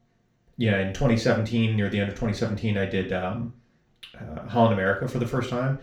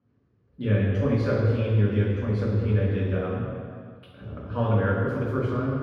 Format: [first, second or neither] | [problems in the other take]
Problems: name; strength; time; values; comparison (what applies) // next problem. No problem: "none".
first | room echo; strong; dies away in 1.8 s; slight in the first // off-mic speech; far; far in the first